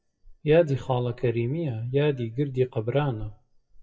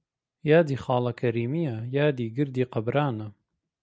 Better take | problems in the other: second | noise reduction (classical method WPE with log-MMSE)

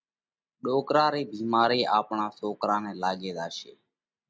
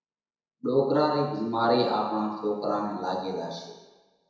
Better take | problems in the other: first | room echo; dies away in 1 s

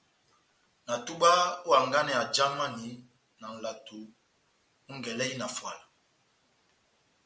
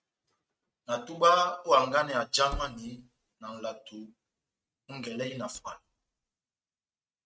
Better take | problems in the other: first | noise reduction (neural mask model RNNoise)

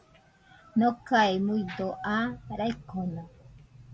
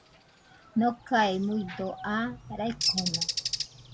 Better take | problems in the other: first | background sound (Bird); 5 dB below the speech

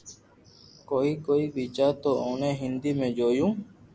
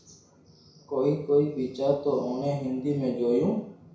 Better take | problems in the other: first | room echo; dies away in 0.6 s

